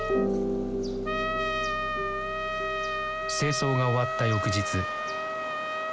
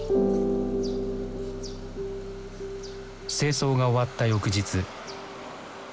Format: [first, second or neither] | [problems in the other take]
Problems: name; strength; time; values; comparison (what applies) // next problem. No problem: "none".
second | background sound (Trumpet); 1 dB below the speech